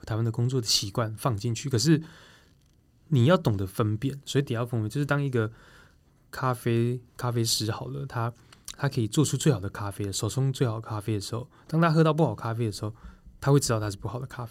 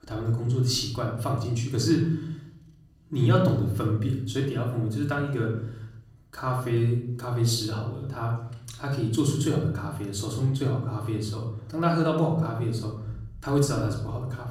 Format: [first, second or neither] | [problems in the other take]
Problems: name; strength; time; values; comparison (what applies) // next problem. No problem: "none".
first | off-mic speech; far // room echo; noticeable; dies away in 0.8 s